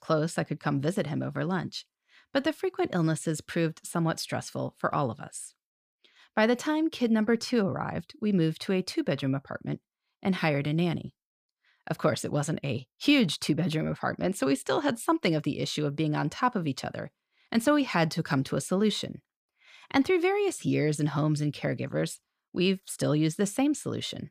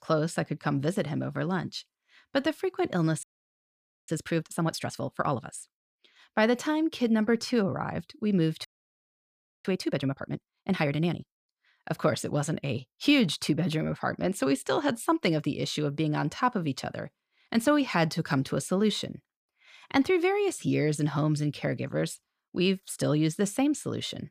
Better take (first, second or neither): first